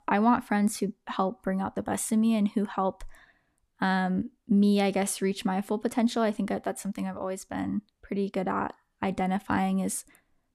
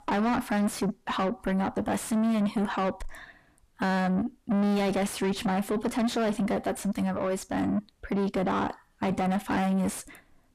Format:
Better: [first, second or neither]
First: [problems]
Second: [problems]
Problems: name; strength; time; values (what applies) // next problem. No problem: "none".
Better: first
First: none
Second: distortion; heavy; 7 dB below the speech